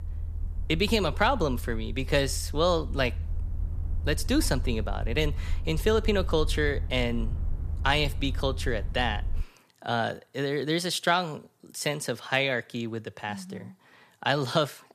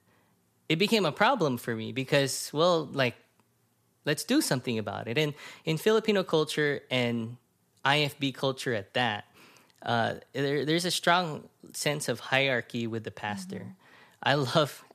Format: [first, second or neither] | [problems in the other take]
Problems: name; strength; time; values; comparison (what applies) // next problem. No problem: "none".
second | low rumble; faint; until 9.5 s; 25 dB below the speech